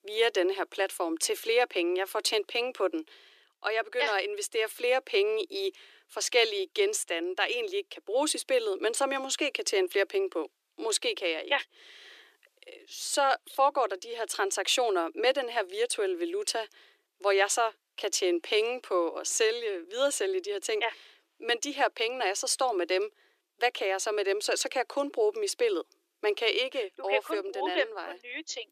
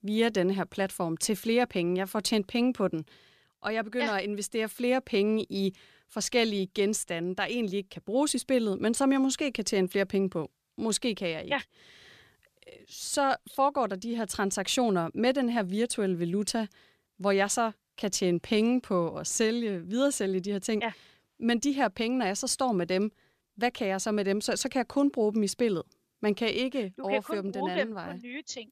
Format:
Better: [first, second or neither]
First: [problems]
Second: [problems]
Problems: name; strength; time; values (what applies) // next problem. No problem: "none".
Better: second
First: thin; very; fading below 300 Hz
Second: none